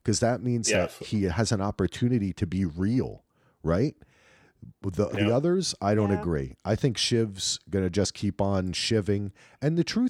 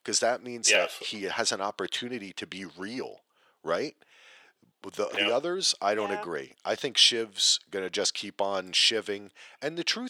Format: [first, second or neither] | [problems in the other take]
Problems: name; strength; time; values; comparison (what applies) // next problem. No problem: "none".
first | thin; very; fading below 550 Hz